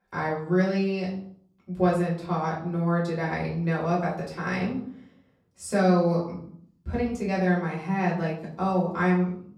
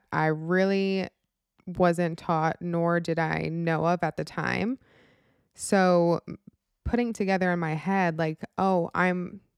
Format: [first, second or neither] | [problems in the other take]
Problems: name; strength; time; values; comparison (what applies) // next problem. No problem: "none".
second | room echo; slight; dies away in 0.5 s // off-mic speech; far